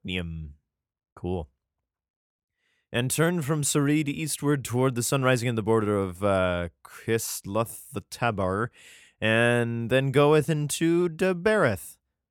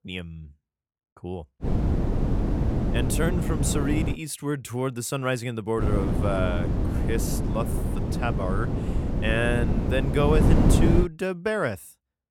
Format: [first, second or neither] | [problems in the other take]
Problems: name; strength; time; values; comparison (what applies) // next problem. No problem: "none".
first | wind noise on the microphone; heavy; from 1.5 to 4 s and from 6 to 11 s; 4 dB below the speech